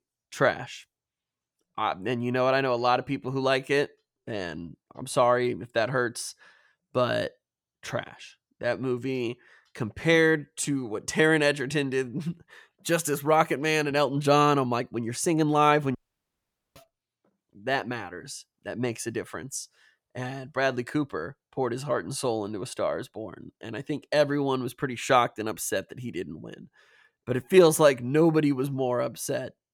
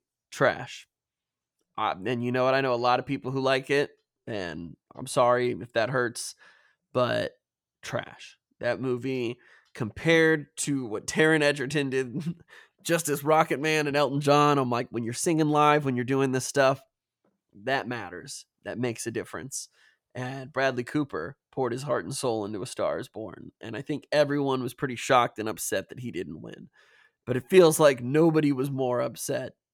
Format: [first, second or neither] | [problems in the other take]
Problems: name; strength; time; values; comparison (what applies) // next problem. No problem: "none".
second | audio cutting out; at 16 s for 1 s